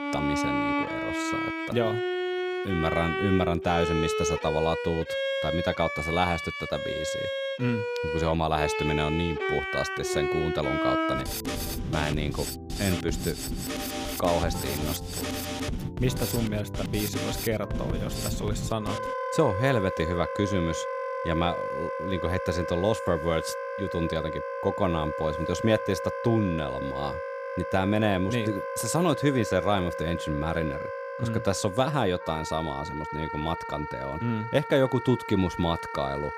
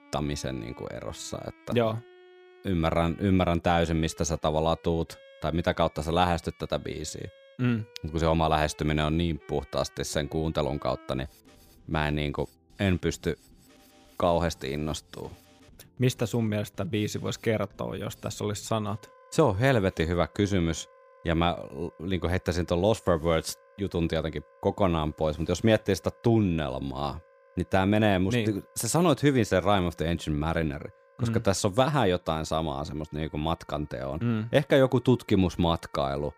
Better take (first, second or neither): second